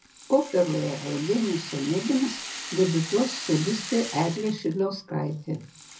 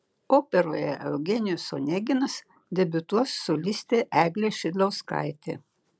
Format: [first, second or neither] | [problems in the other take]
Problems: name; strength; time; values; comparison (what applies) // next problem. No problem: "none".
second | background sound (Rattle (instrument)); 12 dB below the speech // room echo; dies away in 0.4 s